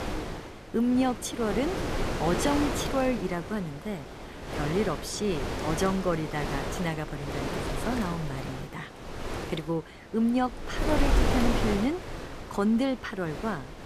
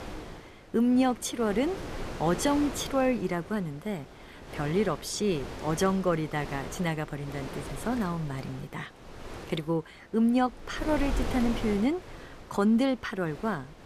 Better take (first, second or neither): second